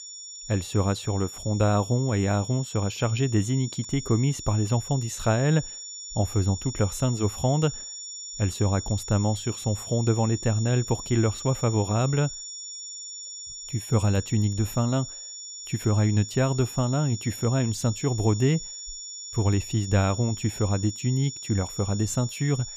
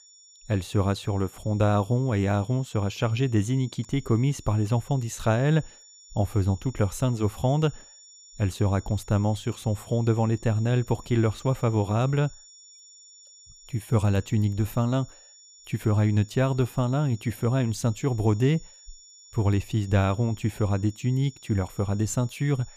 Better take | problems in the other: second | high-pitched whine; loud; throughout; 7 kHz, 10 dB below the speech; faint in the second

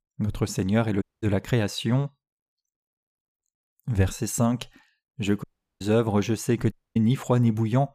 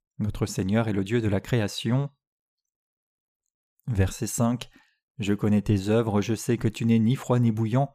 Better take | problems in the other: second | audio cutting out; at 1 s, at 5.5 s and at 6.5 s

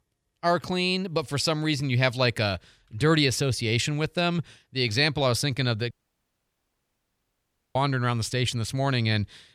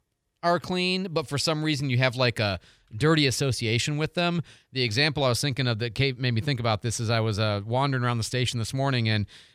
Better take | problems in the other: second | audio cutting out; at 6 s for 2 s

